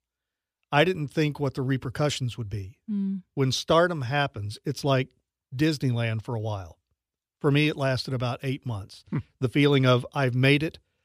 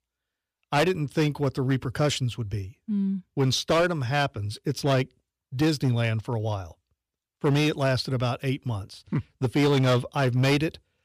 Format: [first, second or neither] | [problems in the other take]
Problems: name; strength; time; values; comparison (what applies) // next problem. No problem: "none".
first | distortion; slight; 6% of the sound clipped